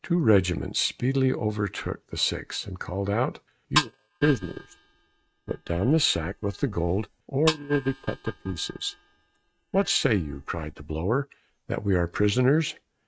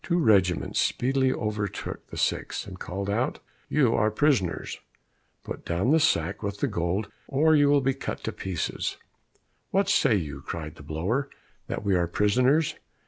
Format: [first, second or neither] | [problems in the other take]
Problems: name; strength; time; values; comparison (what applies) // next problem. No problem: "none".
second | noise reduction (neural mask model RNNoise)